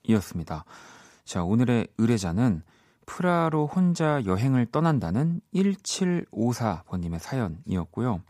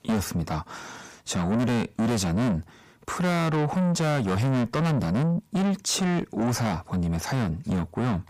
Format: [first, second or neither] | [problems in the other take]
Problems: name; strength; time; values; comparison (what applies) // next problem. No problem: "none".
first | distortion; heavy; 6 dB below the speech